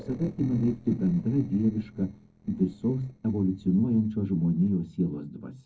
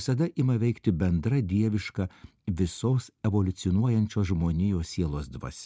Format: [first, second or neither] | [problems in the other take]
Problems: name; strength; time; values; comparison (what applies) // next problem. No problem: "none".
second | noise reduction (neural separator model SepFormer DNS4)